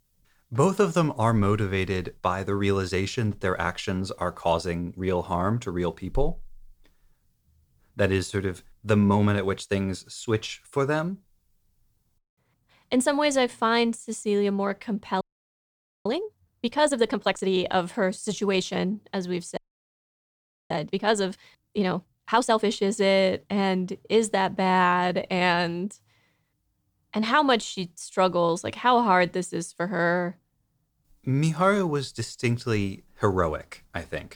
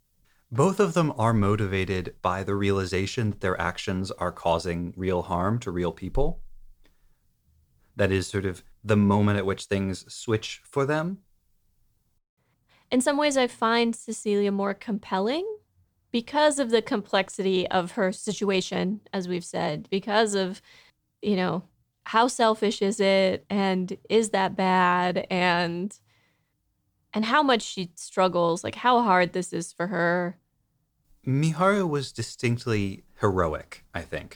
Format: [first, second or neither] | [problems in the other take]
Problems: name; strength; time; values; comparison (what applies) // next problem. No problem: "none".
second | audio freezing; at 15 s for 1 s and at 20 s for 1 s